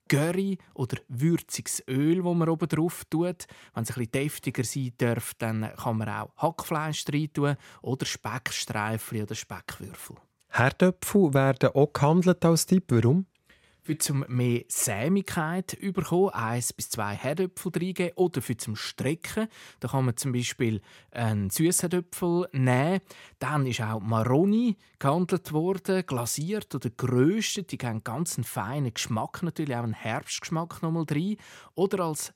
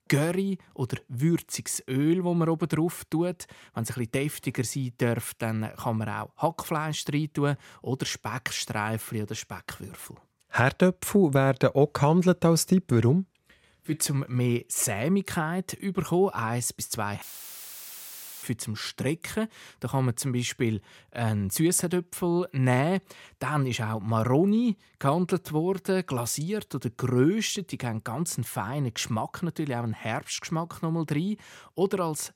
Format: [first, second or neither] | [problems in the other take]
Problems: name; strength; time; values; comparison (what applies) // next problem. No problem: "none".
first | audio cutting out; filled with static; at 17 s for 1 s